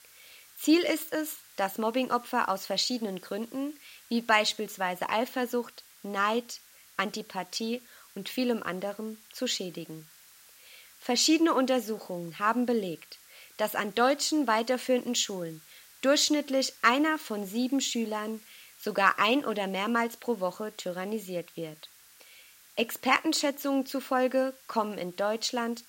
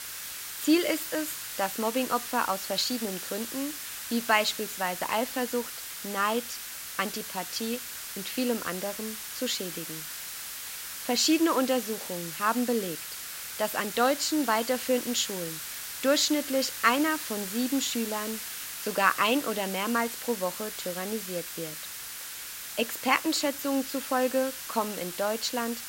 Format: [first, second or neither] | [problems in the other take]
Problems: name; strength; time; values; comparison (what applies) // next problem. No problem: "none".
first | hiss; loud; throughout; 7 dB below the speech; faint in the first